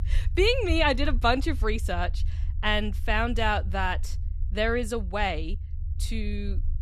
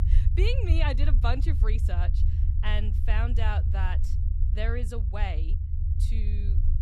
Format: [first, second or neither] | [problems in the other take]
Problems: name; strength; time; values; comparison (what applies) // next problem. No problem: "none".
first | low rumble; loud; throughout; 9 dB below the speech; faint in the first